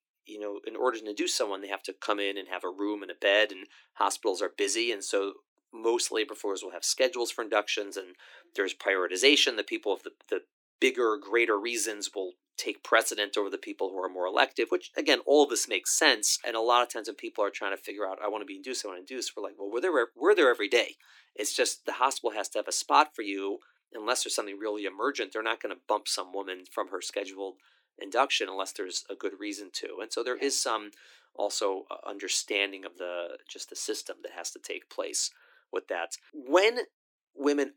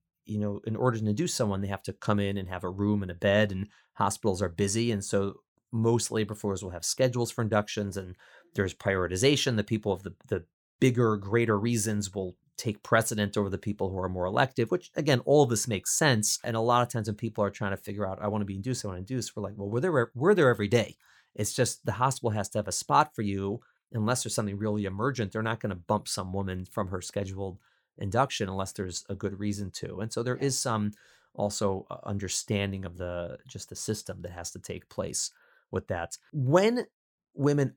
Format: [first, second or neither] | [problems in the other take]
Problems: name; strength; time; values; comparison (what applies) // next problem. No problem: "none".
second | thin; somewhat; fading below 300 Hz